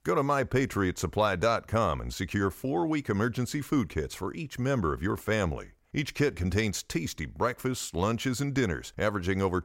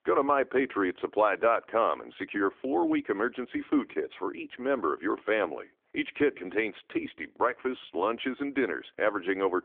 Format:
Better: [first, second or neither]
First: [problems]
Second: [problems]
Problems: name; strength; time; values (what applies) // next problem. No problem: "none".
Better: first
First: none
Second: phone-call audio; nothing above 3.5 kHz